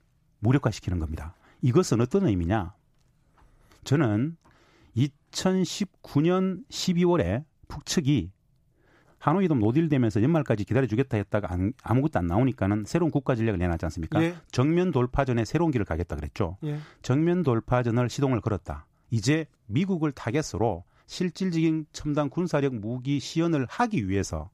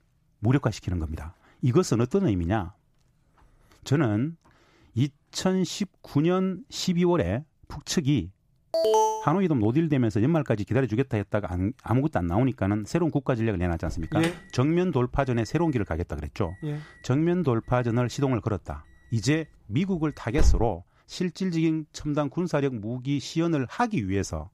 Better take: first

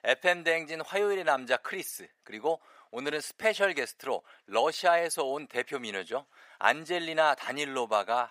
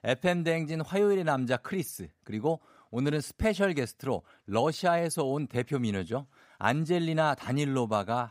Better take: second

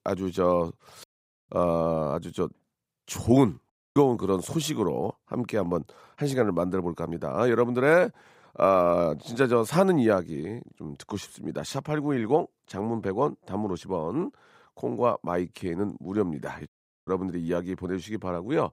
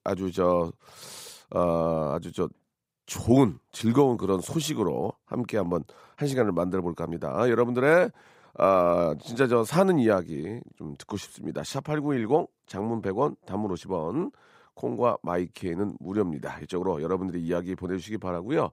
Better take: second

